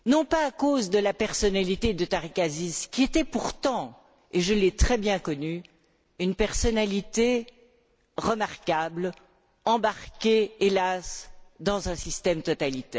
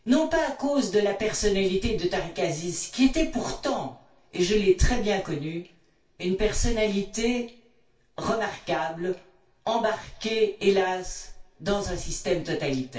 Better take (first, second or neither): first